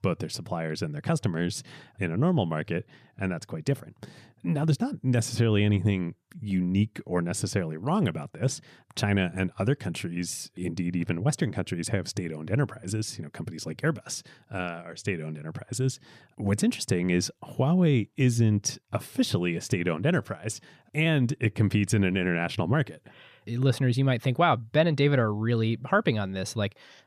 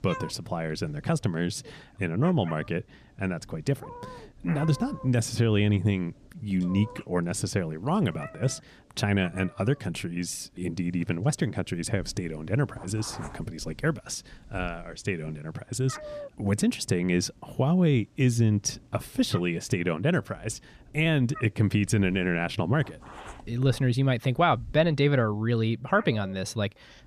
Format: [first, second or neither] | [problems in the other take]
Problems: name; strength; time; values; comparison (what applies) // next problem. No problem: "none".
first | animal sounds; noticeable; throughout; 20 dB below the speech